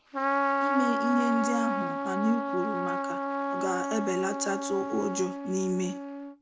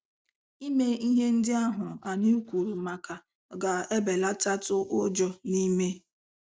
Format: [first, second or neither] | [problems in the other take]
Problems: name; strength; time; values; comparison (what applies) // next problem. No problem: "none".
second | background sound (Trumpet); 1 dB above the speech